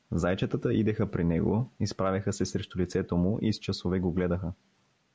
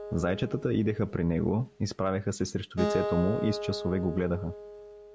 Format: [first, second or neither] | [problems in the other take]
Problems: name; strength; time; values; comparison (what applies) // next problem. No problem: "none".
first | background sound (Acoustic guitar); 7 dB below the speech